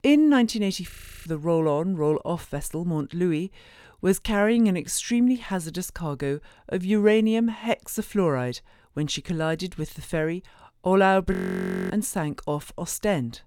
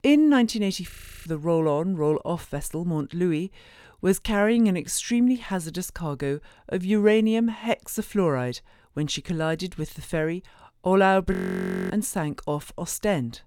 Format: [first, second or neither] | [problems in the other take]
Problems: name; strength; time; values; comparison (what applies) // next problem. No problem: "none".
neither | audio freezing; at 1 s and at 11 s for 0.5 s; the same in both